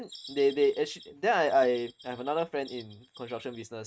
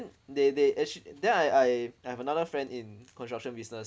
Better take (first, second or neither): second